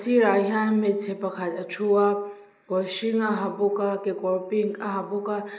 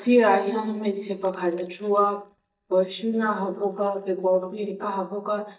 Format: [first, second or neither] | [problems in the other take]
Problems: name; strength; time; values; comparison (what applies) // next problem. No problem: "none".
first | noise reduction (neural mask model DeepFilterNet 3)